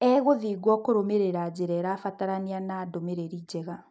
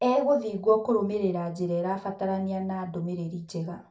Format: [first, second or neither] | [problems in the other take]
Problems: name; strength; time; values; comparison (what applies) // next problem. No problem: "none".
first | room echo; dies away in 0.3 s